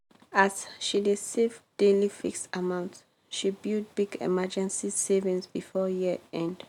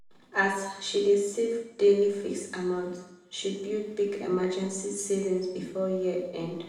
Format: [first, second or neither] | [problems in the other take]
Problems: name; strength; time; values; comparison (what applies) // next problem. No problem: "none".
first | room echo; dies away in 0.8 s